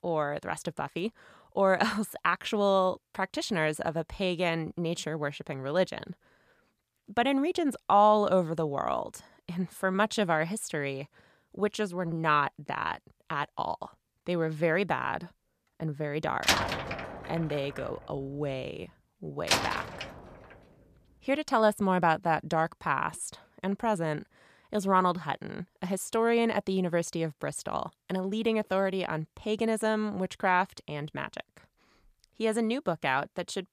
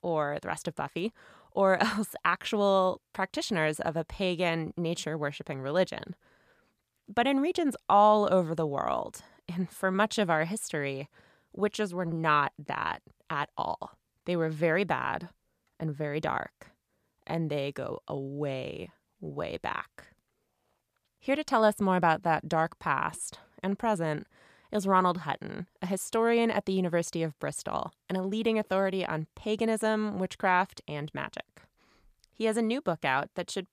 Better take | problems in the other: second | door banging; loud; from 16 to 20 s; peak 4 dB above the speech

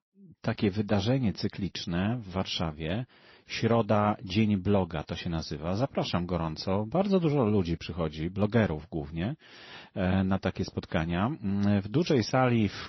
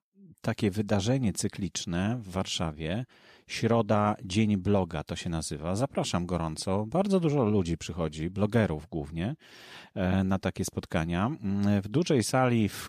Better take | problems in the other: second | garbled, watery; slightly; nothing above 6 kHz

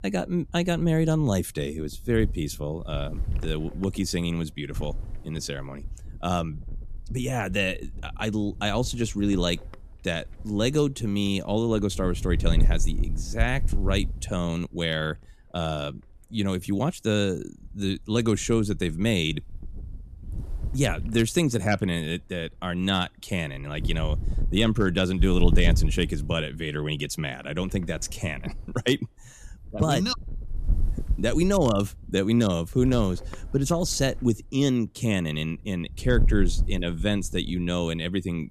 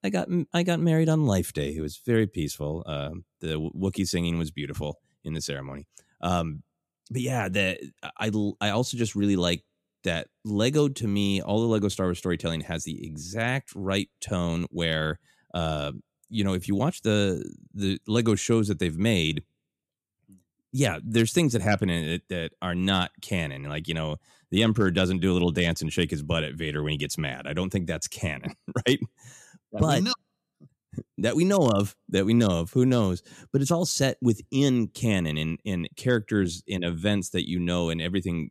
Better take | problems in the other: second | wind noise on the microphone; occasional gusts; 20 dB below the speech

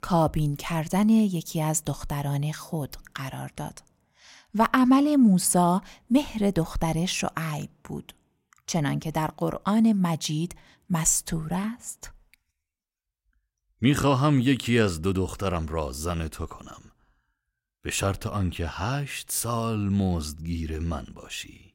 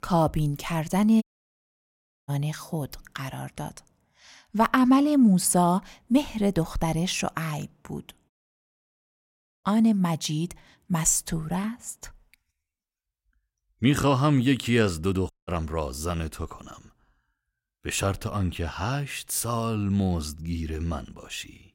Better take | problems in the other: first | audio cutting out; at 1 s for 1 s, at 8.5 s for 1.5 s and at 15 s

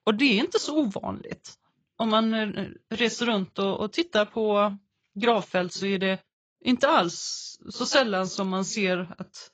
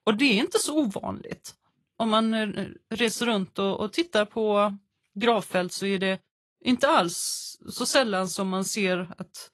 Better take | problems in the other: second | garbled, watery; badly; nothing above 7.5 kHz; slightly in the second

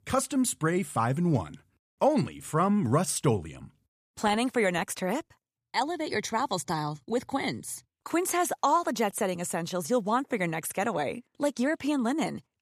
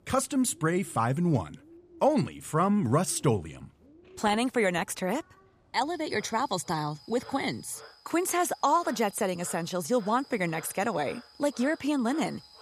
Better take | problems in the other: first | animal sounds; faint; throughout; 20 dB below the speech

